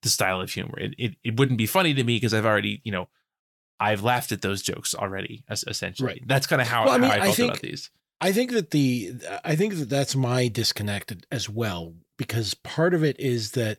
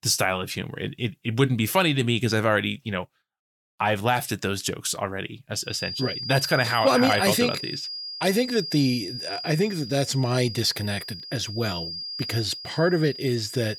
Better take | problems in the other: first | high-pitched whine; loud; from 5.5 s on; 5 kHz, 8 dB below the speech

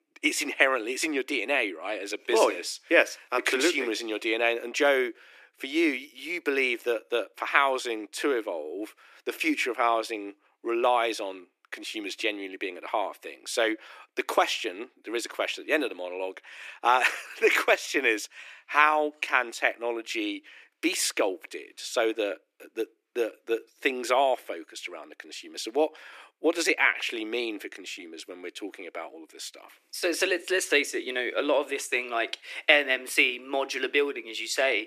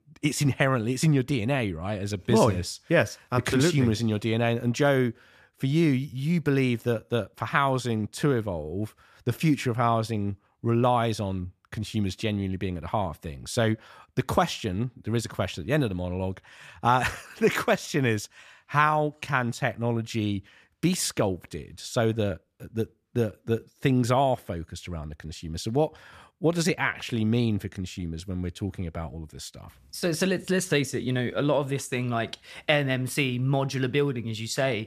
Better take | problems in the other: second | thin; very; fading below 300 Hz

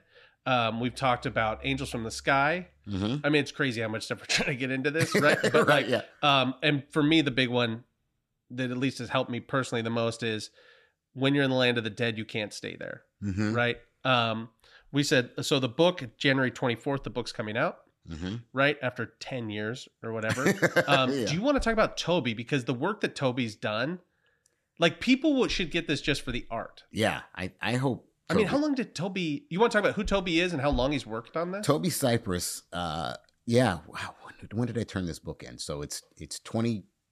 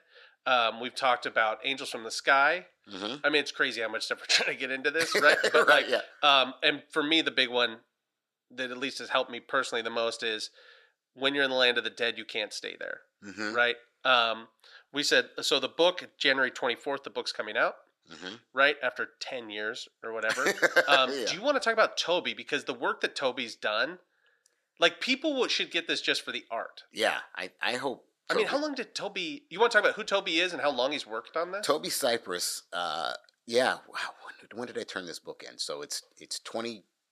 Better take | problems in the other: first | thin; somewhat; fading below 500 Hz

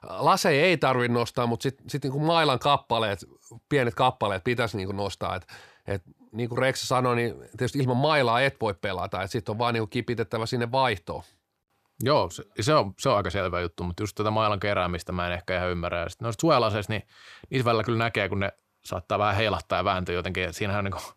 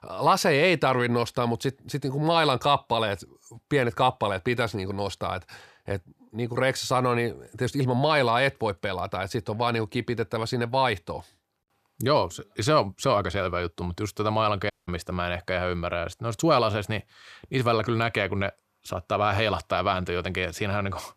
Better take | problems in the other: first | audio cutting out; at 15 s

